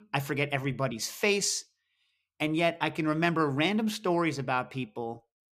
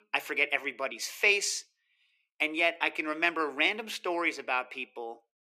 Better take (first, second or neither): first